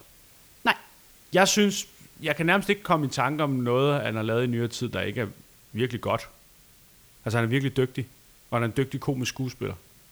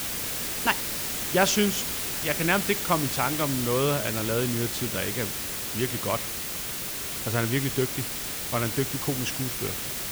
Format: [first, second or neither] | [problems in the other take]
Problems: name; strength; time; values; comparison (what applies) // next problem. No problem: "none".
first | hiss; loud; throughout; 1 dB below the speech; faint in the first